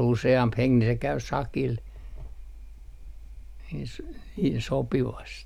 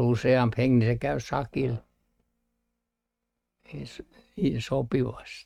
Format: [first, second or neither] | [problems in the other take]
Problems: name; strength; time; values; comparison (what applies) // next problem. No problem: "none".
first | noise reduction (neural mask model RNNoise)